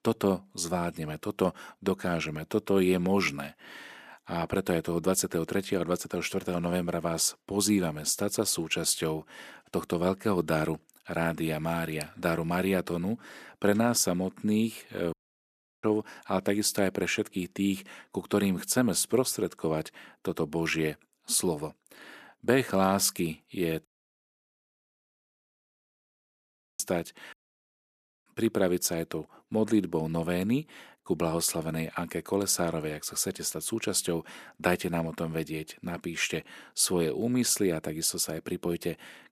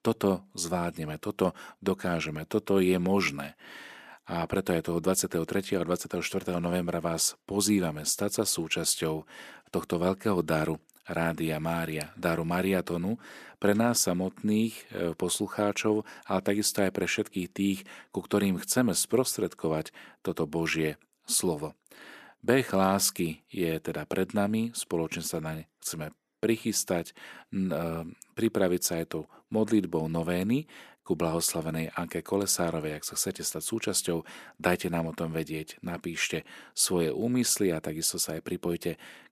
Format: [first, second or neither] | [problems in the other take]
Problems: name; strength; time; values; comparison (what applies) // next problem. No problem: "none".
second | audio cutting out; at 15 s for 0.5 s, at 24 s for 3 s and at 27 s for 1 s